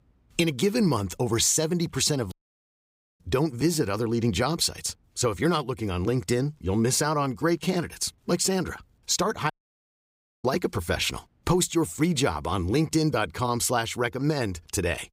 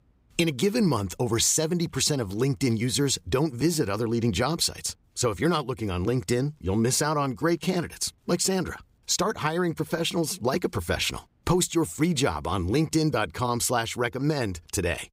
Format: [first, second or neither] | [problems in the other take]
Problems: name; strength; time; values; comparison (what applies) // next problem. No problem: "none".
second | audio cutting out; at 2.5 s for 1 s and at 9.5 s for 1 s